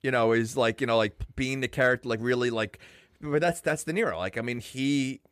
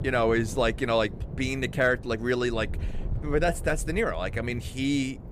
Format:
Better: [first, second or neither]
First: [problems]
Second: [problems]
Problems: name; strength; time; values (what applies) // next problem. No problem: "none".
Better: first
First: none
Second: wind noise on the microphone; occasional gusts; 20 dB below the speech